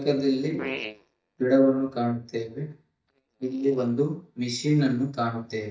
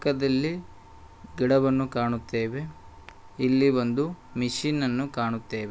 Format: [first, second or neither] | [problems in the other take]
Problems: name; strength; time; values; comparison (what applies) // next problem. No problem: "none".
second | noise reduction (neural mask model DeepFilterNet 3)